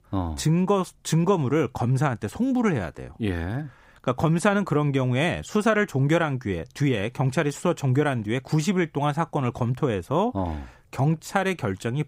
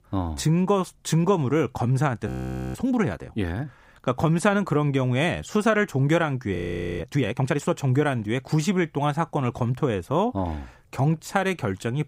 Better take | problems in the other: first | audio freezing; at 2.5 s and at 6.5 s

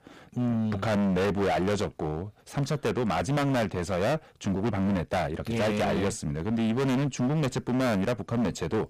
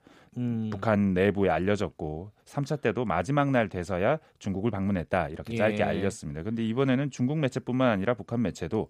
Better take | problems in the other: second | distortion; heavy; 25% of the sound clipped

